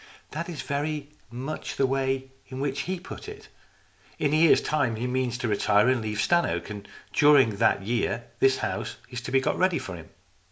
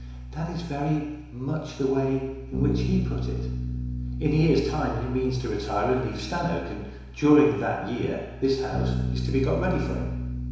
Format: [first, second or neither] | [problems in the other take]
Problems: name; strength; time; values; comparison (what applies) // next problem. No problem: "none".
first | background sound (Bass guitar); 5 dB below the speech // room echo; dies away in 1 s